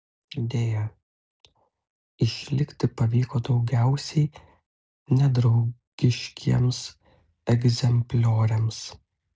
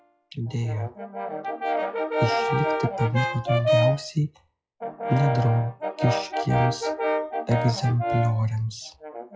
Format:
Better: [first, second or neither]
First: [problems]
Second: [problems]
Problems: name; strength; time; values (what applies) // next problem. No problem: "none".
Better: first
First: none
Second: noise reduction (classical method log-MMSE)